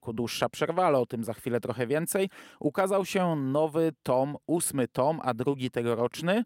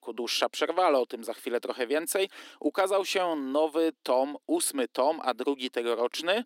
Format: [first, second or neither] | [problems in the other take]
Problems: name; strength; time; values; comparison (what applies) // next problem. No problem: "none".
first | thin; very slightly; fading below 300 Hz